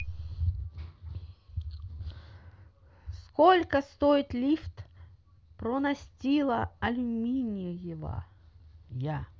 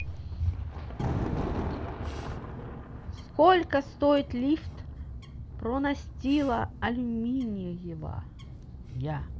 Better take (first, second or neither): first